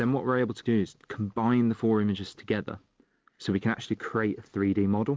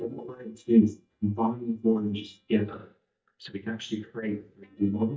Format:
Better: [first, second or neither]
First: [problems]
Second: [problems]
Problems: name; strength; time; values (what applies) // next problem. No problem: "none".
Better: first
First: none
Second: noise reduction (neural mask model DeepFilterNet 3)